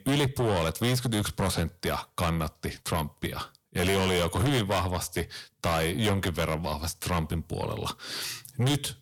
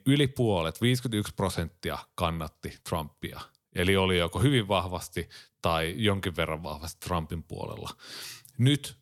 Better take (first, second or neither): second